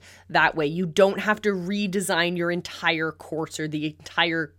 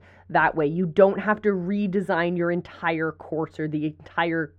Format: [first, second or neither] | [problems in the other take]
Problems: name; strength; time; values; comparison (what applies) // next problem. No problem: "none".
first | muffled; very; fading above 3.5 kHz